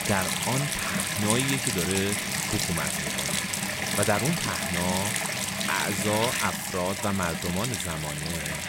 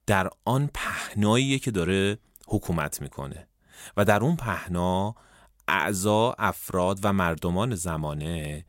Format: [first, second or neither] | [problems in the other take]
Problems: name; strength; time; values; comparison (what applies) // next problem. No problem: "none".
second | household noises; very loud; throughout; 3 dB above the speech